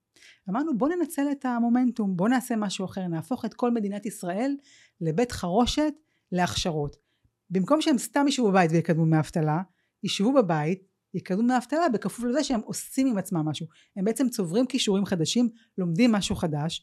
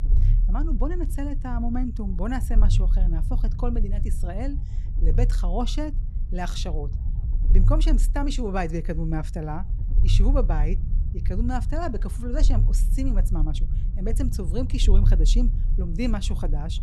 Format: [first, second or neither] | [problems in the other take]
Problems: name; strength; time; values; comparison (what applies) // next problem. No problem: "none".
first | low rumble; noticeable; throughout; 10 dB below the speech